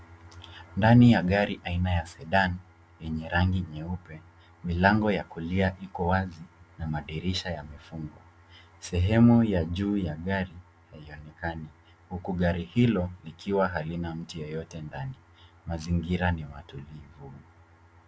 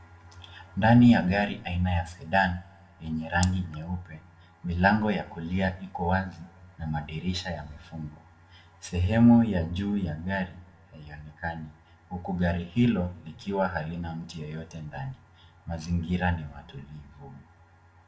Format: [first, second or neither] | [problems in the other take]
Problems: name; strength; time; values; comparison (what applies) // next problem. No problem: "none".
first | background sound (Raindrop); 13 dB below the speech // room echo; dies away in 0.6 s